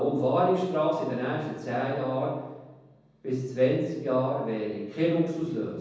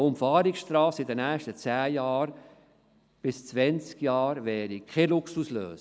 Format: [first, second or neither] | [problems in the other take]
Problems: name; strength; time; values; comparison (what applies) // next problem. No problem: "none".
second | room echo; dies away in 1.1 s